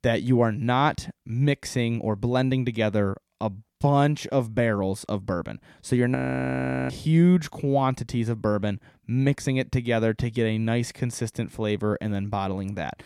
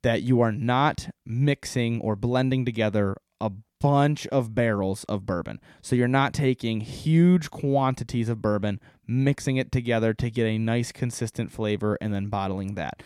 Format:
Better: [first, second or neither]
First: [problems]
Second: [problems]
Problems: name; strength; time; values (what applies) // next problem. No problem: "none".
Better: second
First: audio freezing; at 6 s for 0.5 s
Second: none